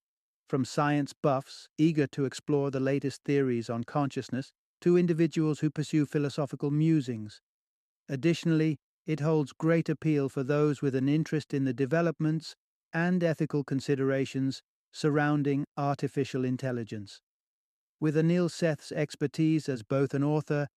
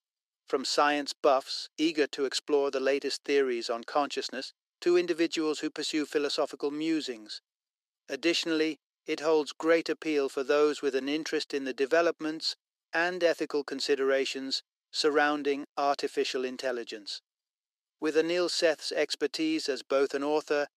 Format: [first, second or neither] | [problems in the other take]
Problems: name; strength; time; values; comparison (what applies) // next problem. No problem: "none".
first | thin; somewhat; fading below 350 Hz